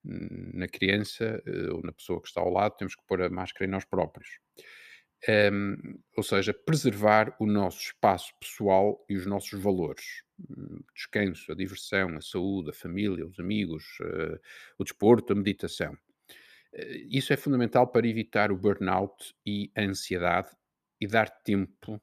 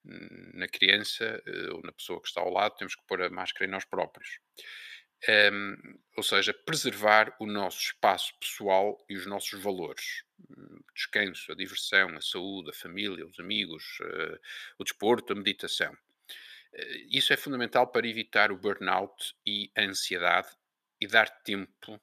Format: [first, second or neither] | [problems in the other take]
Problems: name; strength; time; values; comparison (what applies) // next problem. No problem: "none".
first | thin; somewhat; fading below 1 kHz